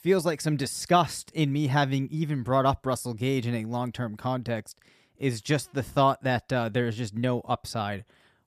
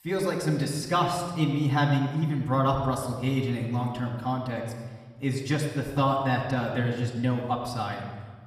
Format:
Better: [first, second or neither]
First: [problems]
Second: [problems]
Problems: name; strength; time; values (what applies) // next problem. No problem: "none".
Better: first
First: none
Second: off-mic speech; far // room echo; slight; dies away in 1.2 s